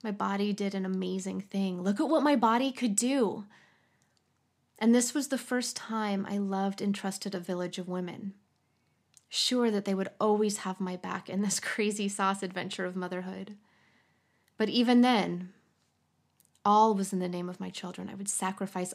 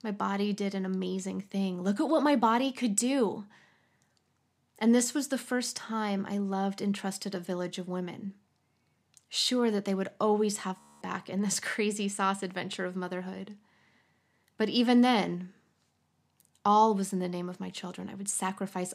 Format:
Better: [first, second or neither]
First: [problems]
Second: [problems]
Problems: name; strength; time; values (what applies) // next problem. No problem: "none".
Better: first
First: none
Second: audio freezing; at 11 s